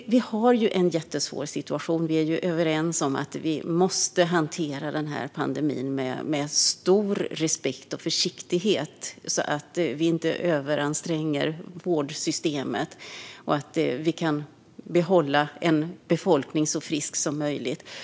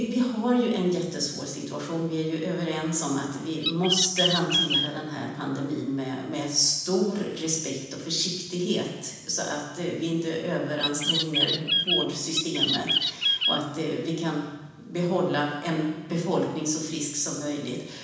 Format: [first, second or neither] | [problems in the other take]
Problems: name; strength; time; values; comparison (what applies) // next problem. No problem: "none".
first | background sound (Bird); 2 dB above the speech // room echo; dies away in 1.1 s